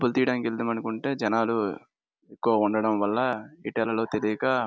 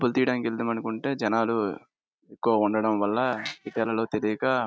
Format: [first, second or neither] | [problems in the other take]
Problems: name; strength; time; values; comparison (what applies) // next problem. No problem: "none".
first | noise reduction (neural mask model RNNoise)